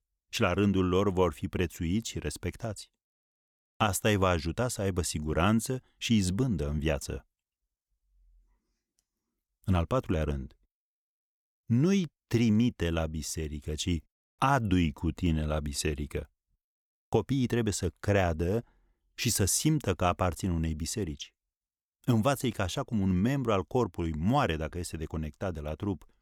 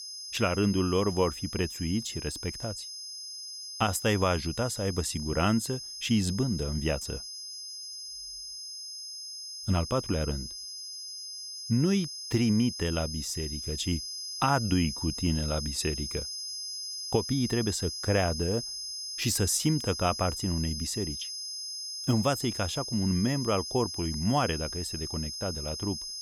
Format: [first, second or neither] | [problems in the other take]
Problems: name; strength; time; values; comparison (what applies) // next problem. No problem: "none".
first | high-pitched whine; loud; throughout; 5 kHz, 6 dB below the speech